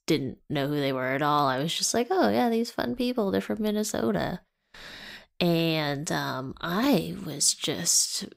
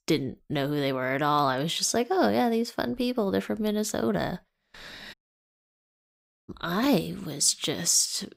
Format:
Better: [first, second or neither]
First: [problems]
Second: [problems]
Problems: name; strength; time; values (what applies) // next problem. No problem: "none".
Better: first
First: none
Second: audio cutting out; at 5 s for 1.5 s